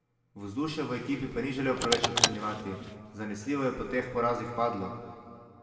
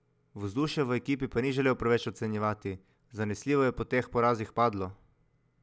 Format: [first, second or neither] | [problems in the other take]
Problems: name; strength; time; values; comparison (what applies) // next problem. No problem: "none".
second | background sound (Car); 1 dB below the speech // room echo; dies away in 2 s